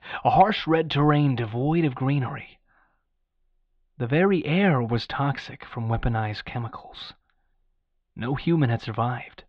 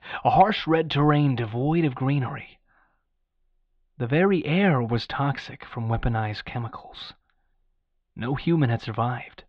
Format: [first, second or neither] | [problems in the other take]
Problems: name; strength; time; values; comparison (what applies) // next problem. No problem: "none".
neither | muffled; very; fading above 3.5 kHz; the same in both